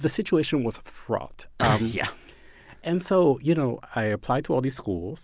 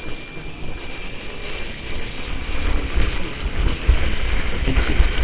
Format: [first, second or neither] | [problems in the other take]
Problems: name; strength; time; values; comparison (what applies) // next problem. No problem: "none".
first | noise reduction (neural separator model SepFormer WHAMR!)